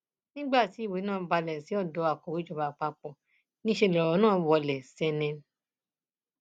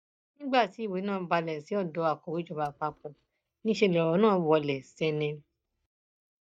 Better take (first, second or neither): first